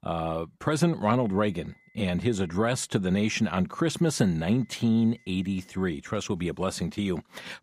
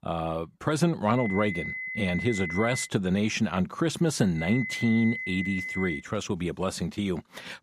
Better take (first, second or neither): first